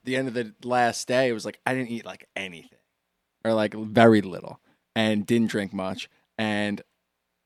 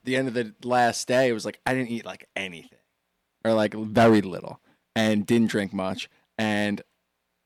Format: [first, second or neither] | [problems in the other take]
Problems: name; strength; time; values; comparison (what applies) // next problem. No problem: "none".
first | distortion; slight; 1.3% of the sound clipped